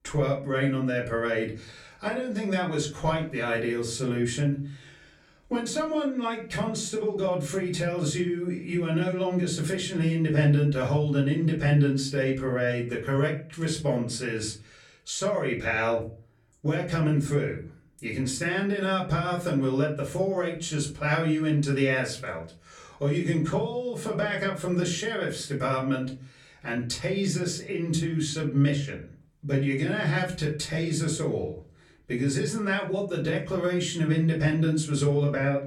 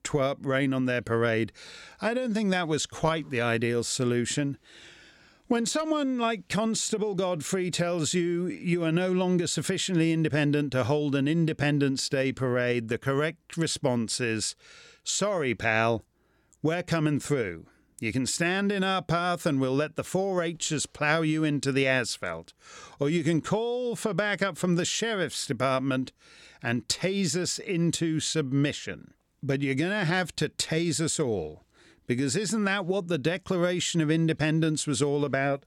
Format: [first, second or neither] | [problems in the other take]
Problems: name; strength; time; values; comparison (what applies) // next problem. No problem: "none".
second | off-mic speech; far // room echo; slight; dies away in 0.4 s